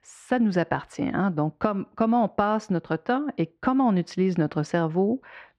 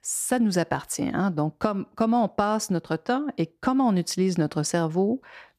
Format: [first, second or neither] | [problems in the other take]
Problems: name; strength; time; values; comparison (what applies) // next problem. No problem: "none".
second | muffled; slightly; fading above 2.5 kHz